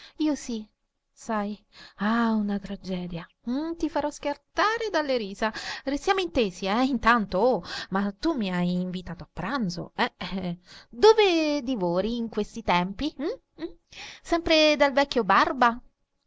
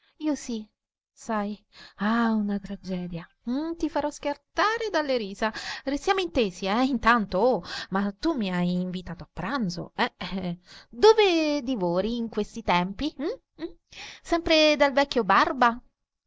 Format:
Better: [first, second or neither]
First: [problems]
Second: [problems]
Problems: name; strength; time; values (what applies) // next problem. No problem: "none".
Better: first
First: none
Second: noise reduction (neural mask model DeepFilterNet 3)